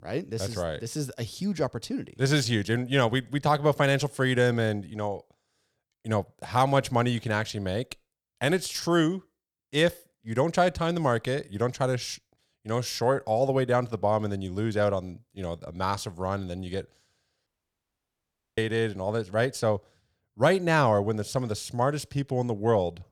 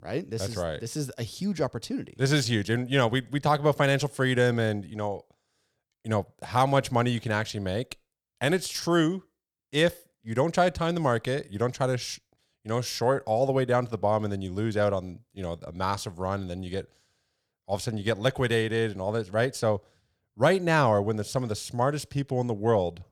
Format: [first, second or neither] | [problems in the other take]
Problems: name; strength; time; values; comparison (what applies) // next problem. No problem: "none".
second | audio cutting out; at 17 s for 1 s